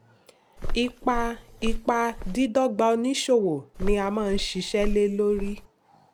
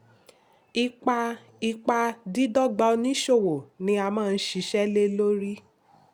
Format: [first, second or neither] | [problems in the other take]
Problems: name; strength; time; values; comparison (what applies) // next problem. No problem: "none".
second | background sound (Walk, footsteps); 4 dB below the speech